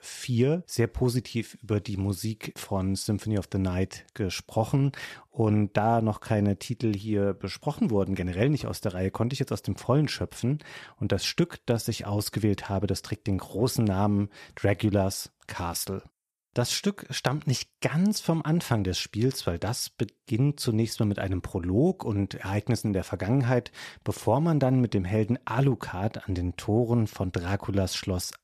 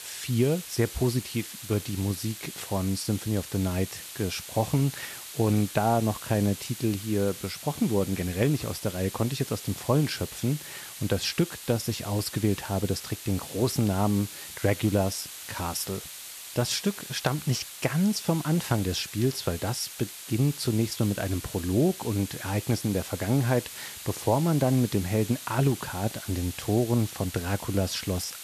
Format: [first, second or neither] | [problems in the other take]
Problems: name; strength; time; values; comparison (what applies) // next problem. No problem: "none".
first | hiss; noticeable; throughout; 10 dB below the speech